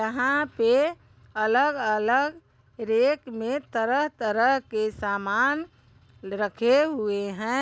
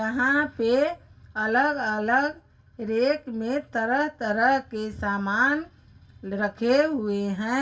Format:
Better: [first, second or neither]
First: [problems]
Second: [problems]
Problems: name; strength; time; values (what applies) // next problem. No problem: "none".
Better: first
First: none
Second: room echo; dies away in 0.2 s